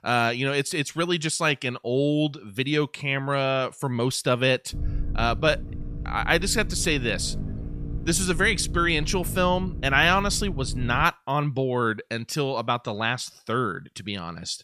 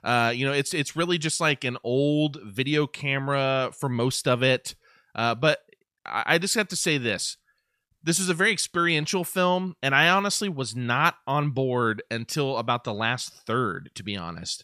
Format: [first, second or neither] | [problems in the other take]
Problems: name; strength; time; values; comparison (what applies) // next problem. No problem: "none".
second | low rumble; faint; from 4.5 to 11 s; 20 dB below the speech